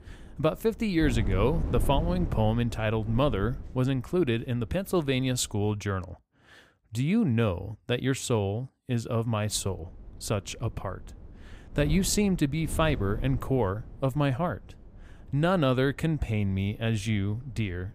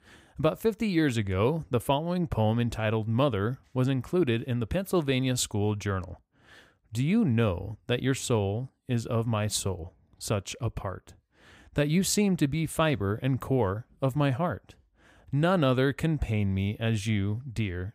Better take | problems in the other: second | wind noise on the microphone; occasional gusts; until 6 s and from 9.5 s on; 15 dB below the speech

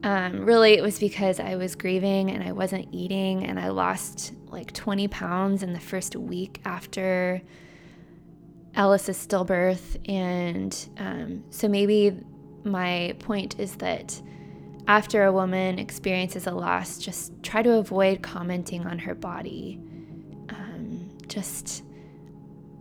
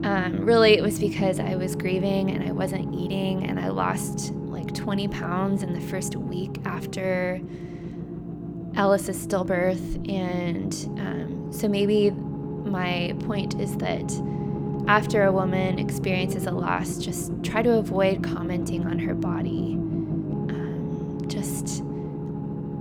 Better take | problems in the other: first | low rumble; loud; throughout; 9 dB below the speech; faint in the first

